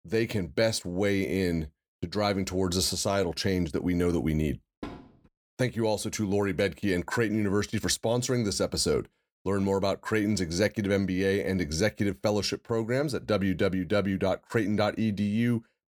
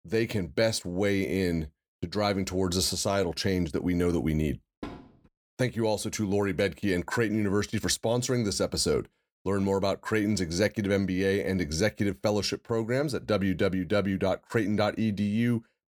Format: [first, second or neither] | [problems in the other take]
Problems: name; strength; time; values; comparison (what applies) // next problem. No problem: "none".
neither | door banging; faint; at 5 s; peak 15 dB below the speech; the same in both